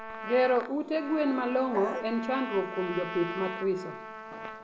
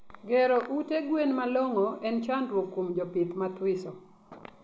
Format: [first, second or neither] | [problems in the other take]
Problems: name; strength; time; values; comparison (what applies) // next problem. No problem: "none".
second | background sound (Trumpet + Bark); 9 dB below the speech